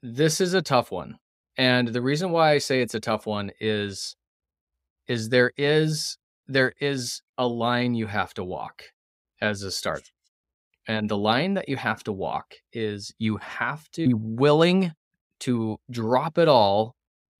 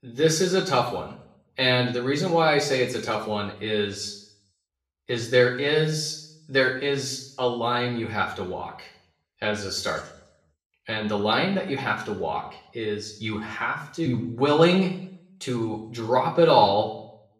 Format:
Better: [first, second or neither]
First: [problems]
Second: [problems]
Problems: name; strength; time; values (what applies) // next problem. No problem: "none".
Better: first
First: none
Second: room echo; slight; dies away in 0.6 s // off-mic speech; somewhat distant